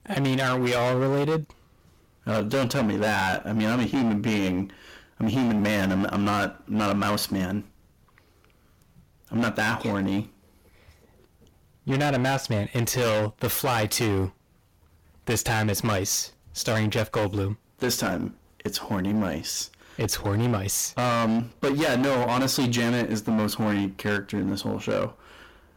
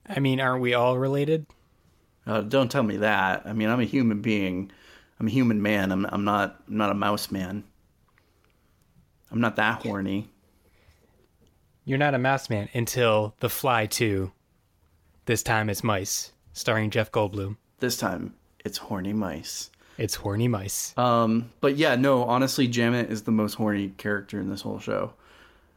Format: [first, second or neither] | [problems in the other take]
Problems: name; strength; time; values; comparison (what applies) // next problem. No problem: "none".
second | distortion; heavy; 18% of the sound clipped